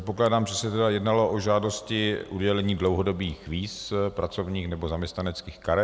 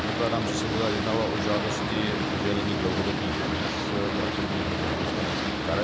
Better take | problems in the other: first | background sound (Boat, Water vehicle); 3 dB above the speech

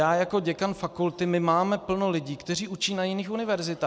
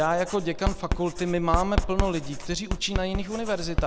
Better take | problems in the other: first | background sound (Writing); 2 dB below the speech

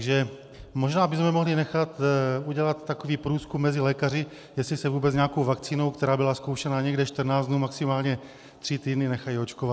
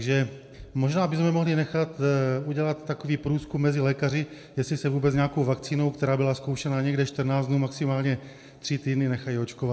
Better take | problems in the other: first | room echo; dies away in 1.4 s

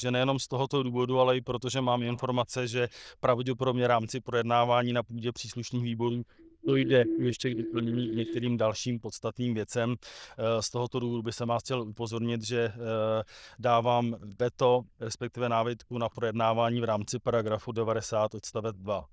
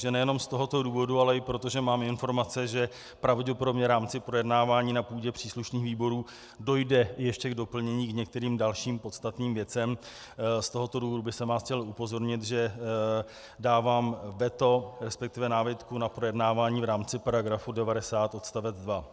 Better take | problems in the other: second | noise reduction (neural diffusion model UNIVERSE++)

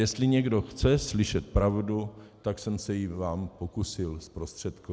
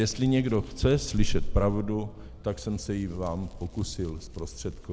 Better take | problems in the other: first | background sound (Hands); 4 dB below the speech

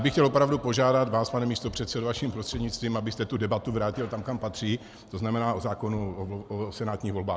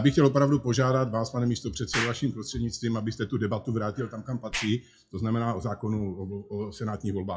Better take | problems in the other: first | noise reduction (classical method WPE with log-MMSE)

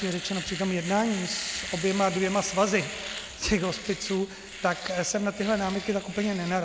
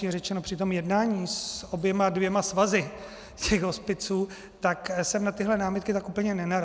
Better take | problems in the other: second | background sound (Domestic sounds, home sounds); 10 dB below the speech

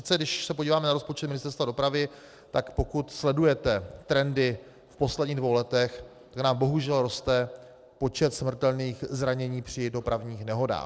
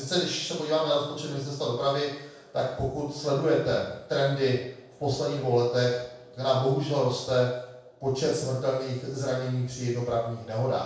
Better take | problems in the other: first | room echo; dies away in 0.7 s

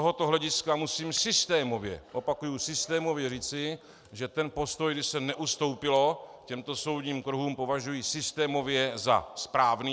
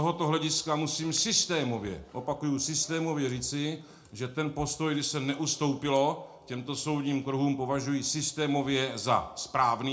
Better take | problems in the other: first | room echo; dies away in 0.3 s

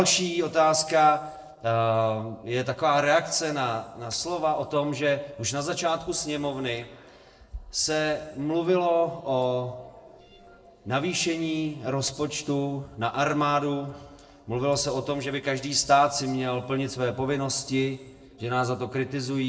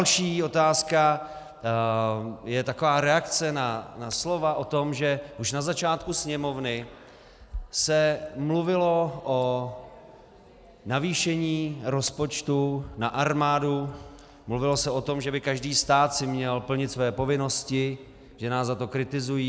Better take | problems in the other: second | noise reduction (neural separator model SepFormer DNS4)

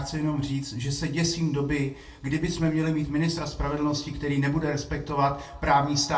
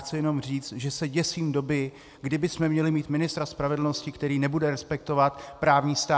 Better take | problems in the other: second | room echo; dies away in 0.3 s

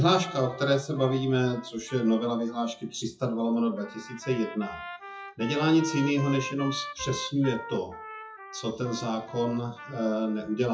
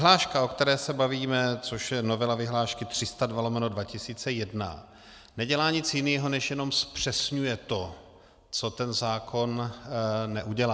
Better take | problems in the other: second | noise reduction (classical method WPE with log-MMSE)

